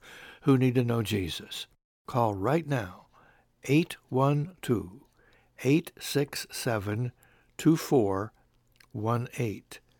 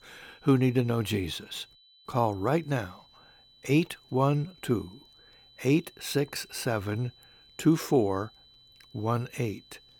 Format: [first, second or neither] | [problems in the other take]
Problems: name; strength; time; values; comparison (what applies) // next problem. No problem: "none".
first | high-pitched whine; faint; throughout; 4 kHz, 25 dB below the speech